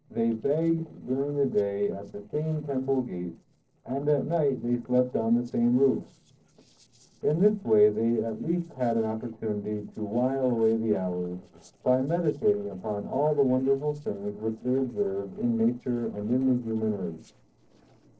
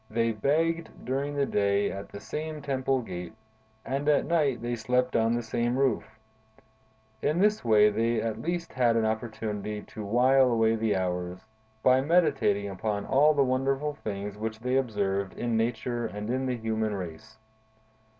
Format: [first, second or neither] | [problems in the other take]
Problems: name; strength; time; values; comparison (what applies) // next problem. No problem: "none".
second | noise reduction (neural separator model SepFormer DNS4)